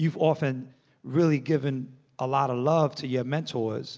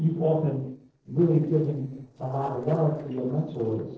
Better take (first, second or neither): first